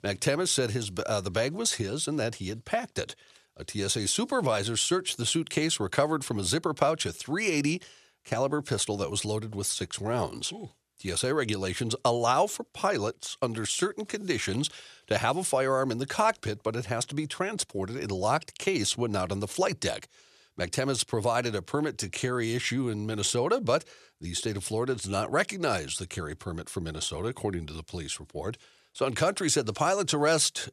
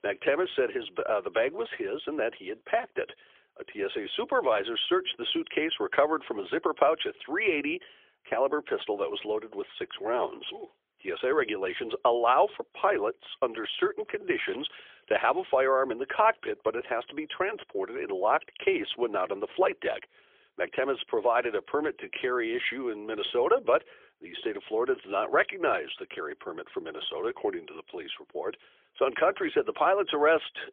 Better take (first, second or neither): first